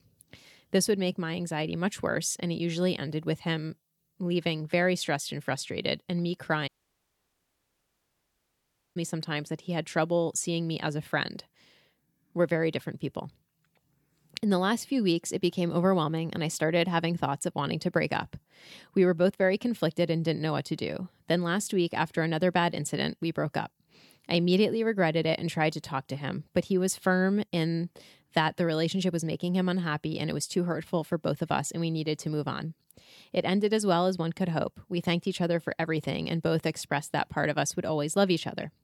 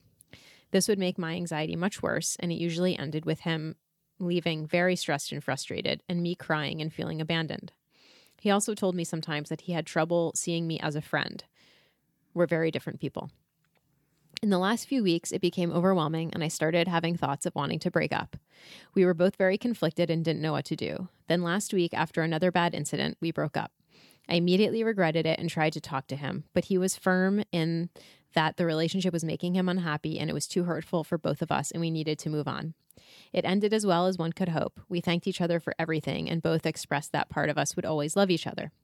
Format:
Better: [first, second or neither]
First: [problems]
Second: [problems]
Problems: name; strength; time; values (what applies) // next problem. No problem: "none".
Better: second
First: audio cutting out; at 6.5 s for 2.5 s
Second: none